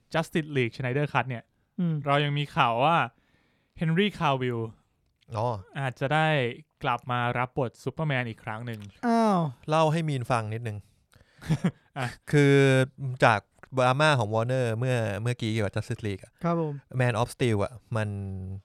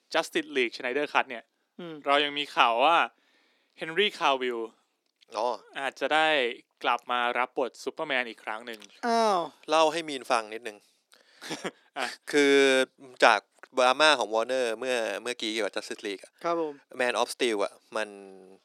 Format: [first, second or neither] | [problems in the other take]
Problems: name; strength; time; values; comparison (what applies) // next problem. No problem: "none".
first | thin; somewhat; fading below 300 Hz